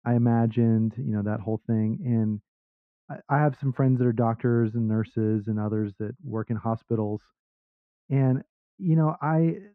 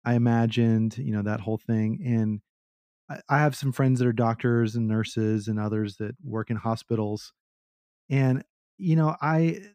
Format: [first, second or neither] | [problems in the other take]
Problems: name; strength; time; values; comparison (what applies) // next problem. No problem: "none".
second | muffled; very; fading above 3.5 kHz